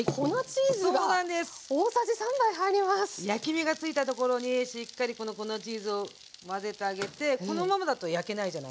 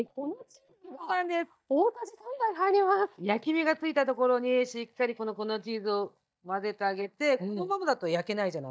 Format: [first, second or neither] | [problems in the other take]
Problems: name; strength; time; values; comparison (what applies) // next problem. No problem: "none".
first | noise reduction (neural mask model DeepFilterNet 3)